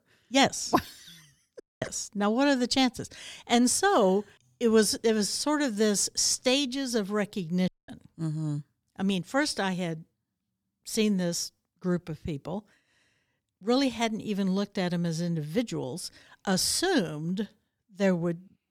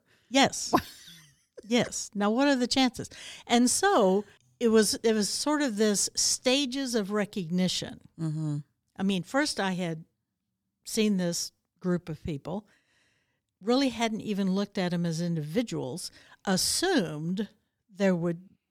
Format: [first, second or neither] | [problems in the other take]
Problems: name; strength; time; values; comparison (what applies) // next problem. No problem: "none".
second | audio cutting out; at 1.5 s and at 7.5 s